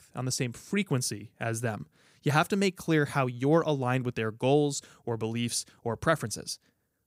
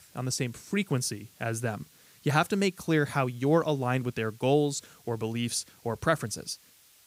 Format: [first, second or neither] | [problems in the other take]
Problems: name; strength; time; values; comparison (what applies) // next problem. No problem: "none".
first | hiss; faint; throughout; 25 dB below the speech